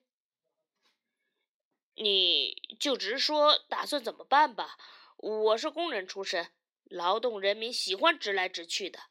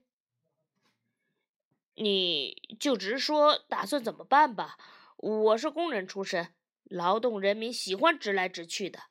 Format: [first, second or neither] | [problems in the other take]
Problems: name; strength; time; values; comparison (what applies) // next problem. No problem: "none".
second | thin; very slightly; fading below 300 Hz